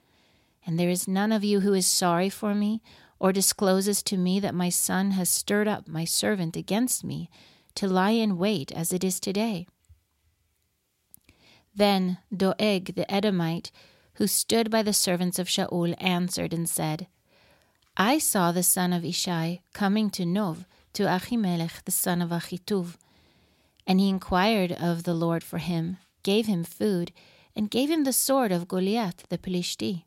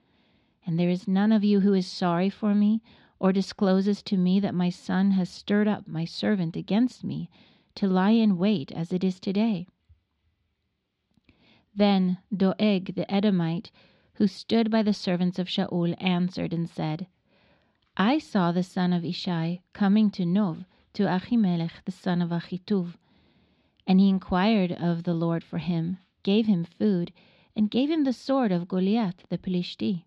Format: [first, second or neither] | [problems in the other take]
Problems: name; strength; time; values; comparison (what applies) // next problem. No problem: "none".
first | muffled; slightly; fading above 4 kHz